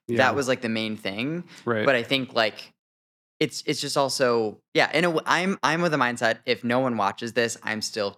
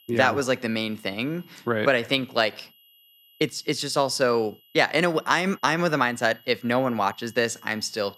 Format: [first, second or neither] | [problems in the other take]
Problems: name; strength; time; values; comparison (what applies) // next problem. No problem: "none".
first | high-pitched whine; faint; throughout; 3 kHz, 30 dB below the speech